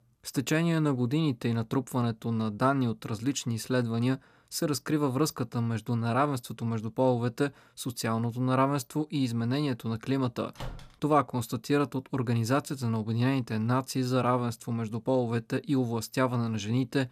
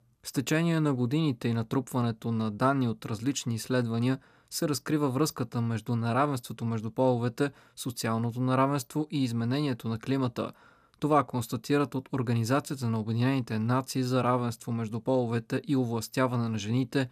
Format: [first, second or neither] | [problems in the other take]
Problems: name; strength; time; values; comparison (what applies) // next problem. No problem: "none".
second | door banging; faint; at 11 s; peak 15 dB below the speech